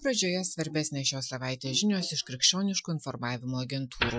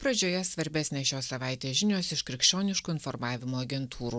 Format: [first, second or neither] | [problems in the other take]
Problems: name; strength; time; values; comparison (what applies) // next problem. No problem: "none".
second | noise reduction (classical method Wiener filter)